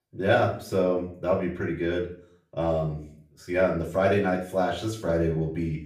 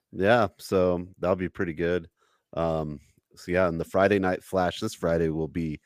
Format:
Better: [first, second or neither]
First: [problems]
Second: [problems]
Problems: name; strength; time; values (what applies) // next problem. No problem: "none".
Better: second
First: room echo; slight; dies away in 0.4 s // off-mic speech; far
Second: none